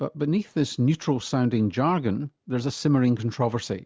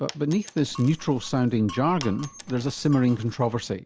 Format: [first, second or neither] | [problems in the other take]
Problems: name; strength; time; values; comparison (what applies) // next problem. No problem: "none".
first | background sound (Glass + Coin (dropping)); 18 dB below the speech